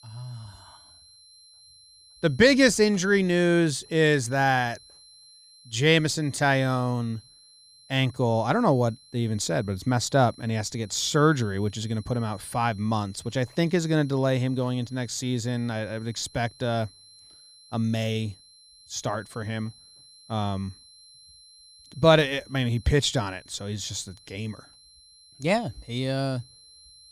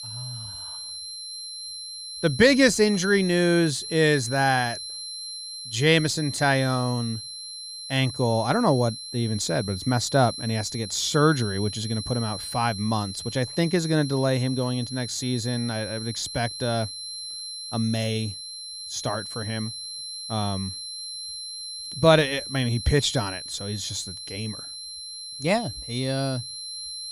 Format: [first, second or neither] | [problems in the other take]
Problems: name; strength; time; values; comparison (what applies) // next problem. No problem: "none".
first | high-pitched whine; loud; throughout; 4 kHz, 9 dB below the speech; faint in the first